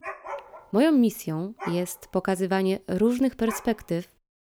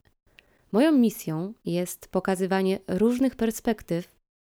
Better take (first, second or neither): second